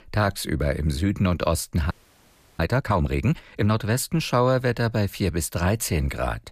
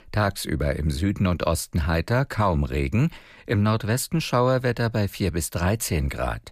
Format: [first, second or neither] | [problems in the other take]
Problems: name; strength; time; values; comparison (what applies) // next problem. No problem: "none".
second | audio freezing; at 2 s for 0.5 s